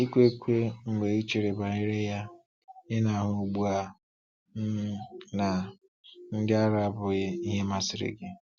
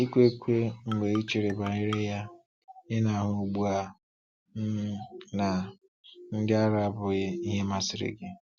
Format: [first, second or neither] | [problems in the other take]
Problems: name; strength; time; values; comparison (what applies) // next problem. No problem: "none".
first | background sound (Marimba, xylophone); 14 dB below the speech